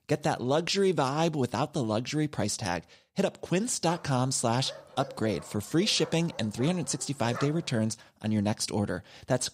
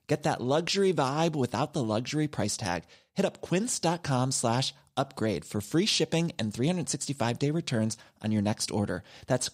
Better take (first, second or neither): second